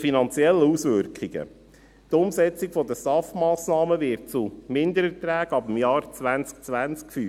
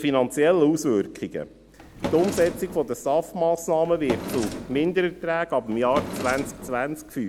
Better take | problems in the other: first | background sound (Drawer open or close); 10 dB below the speech

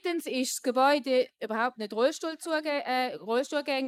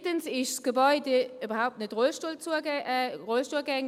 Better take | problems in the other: second | noise reduction (neural mask model Resemble Enhance denoiser)

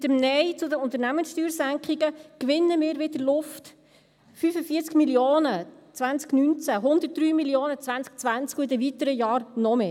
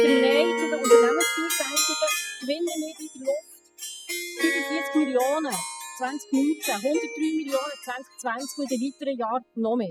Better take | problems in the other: first | noise reduction (classical method spectral subtraction)

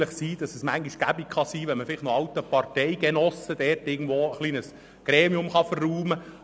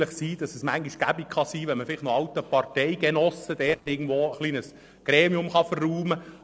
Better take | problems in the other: first | noise reduction (neural separator model SepFormer DNS4)

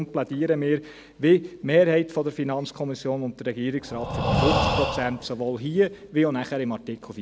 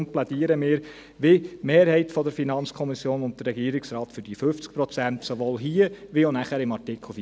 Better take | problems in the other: second | background sound (Breathing); 2 dB below the speech

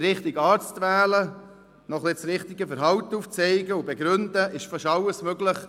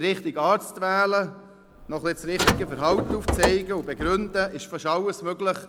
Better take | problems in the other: first | background sound (Car); 2 dB below the speech

